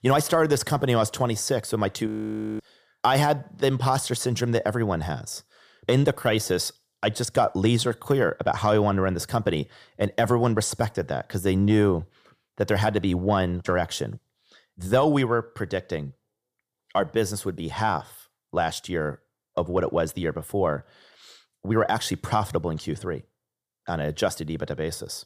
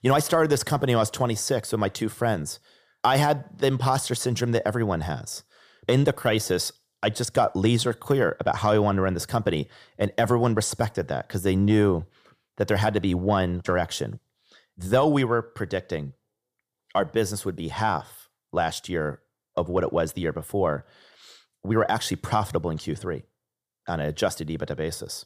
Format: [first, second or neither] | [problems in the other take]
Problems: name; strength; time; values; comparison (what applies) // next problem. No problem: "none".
second | audio freezing; at 2 s for 0.5 s